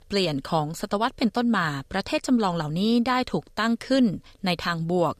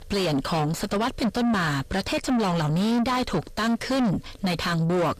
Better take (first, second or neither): first